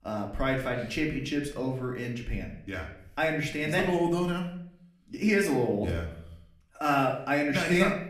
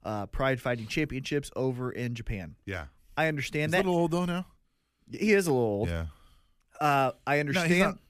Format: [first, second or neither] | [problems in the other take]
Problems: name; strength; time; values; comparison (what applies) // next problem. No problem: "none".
second | room echo; slight; dies away in 0.5 s // off-mic speech; somewhat distant